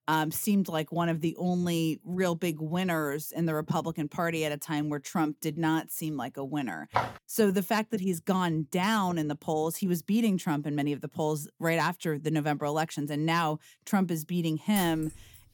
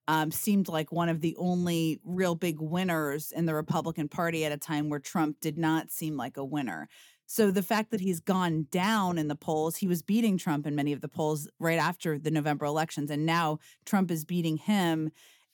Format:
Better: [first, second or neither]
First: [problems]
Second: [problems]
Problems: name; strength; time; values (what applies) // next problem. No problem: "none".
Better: second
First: footsteps; noticeable; at 7 s; peak 2 dB below the speech // jangling keys; noticeable; at 15 s; peak 8 dB below the speech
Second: none